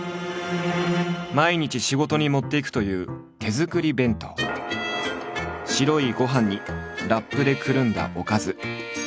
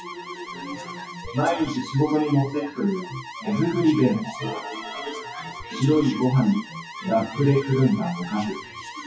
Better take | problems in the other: first | noise reduction (classical method WPE with log-MMSE)

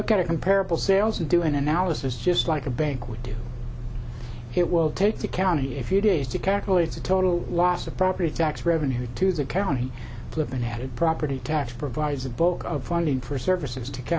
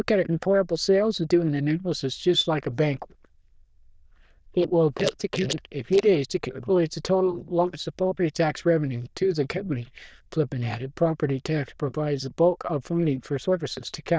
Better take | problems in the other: first | noise reduction (neural diffusion model UNIVERSE++)

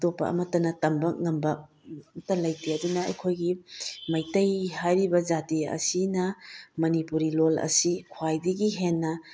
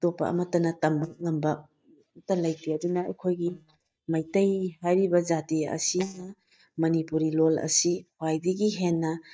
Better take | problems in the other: first | noise reduction (neural mask model DeepFilterNet 3)

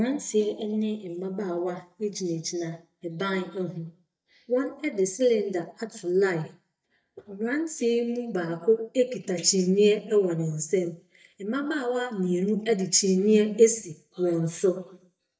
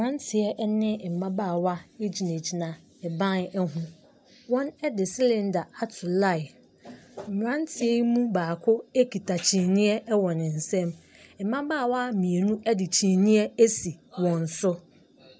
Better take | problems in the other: second | noise reduction (neural mask model DeepFilterNet 3)

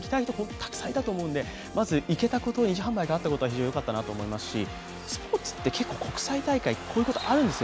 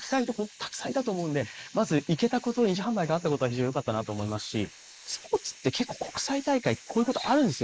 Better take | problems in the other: first | noise reduction (neural mask model Resemble Enhance denoiser)

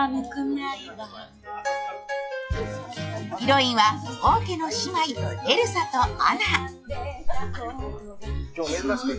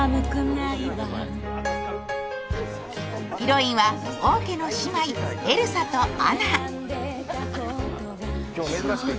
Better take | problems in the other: second | noise reduction (classical method log-MMSE)

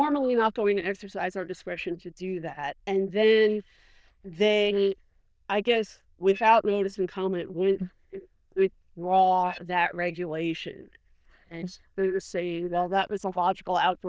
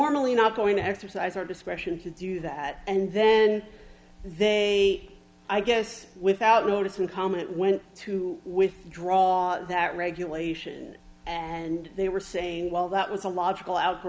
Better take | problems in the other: second | noise reduction (neural diffusion model UNIVERSE++)

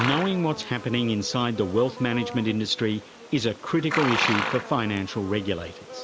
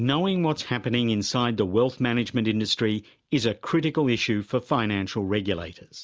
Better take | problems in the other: second | background sound (Livestock, farm animals, working animals); 7 dB below the speech

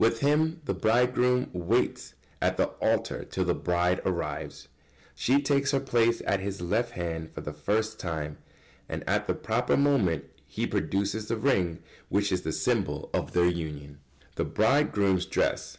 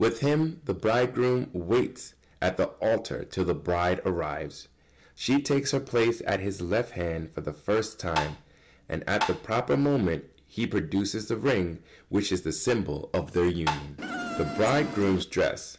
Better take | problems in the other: first | background sound (Tap + Insect); 5 dB below the speech

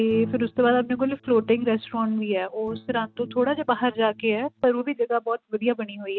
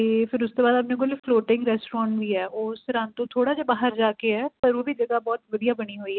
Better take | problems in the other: second | noise reduction (neural mask model RNNoise)

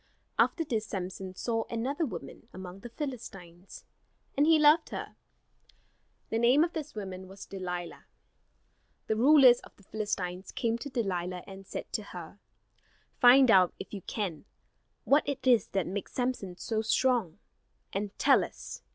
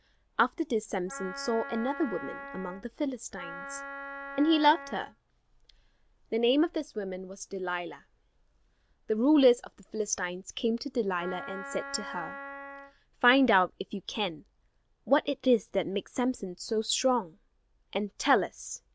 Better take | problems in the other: first | background sound (Wind instrument, woodwind instrument); 12 dB below the speech

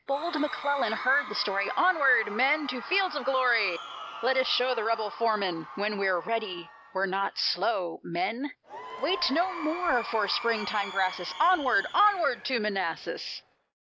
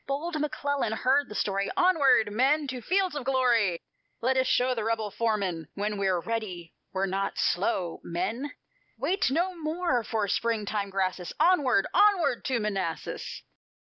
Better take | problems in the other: second | background sound (Crowd / Cheering); 12 dB below the speech

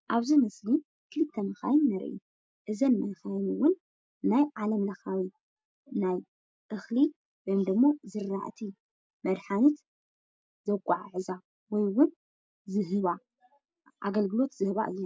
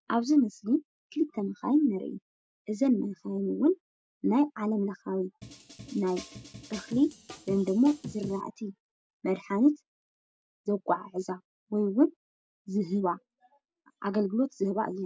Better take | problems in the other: first | background sound (Drum kit); 15 dB below the speech

